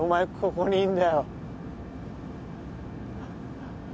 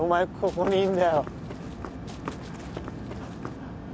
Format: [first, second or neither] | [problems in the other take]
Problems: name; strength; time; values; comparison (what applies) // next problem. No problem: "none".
first | background sound (Walk, footsteps / Run); 14 dB below the speech